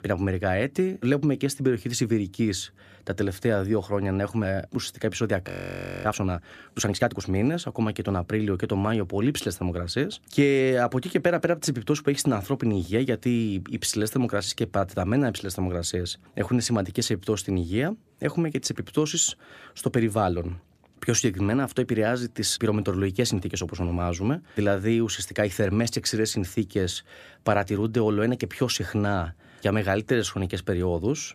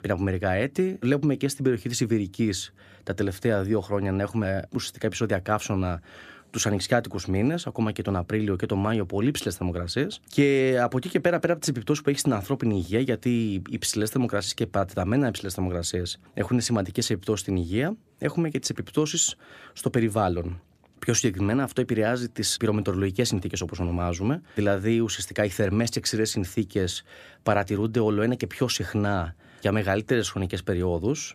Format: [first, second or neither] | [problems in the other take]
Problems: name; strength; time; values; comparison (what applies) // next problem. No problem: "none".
second | audio freezing; at 5.5 s for 0.5 s